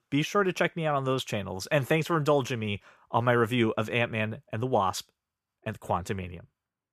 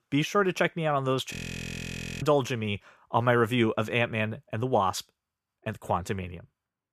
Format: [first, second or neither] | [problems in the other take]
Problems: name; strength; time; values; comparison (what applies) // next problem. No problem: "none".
first | audio freezing; at 1.5 s for 1 s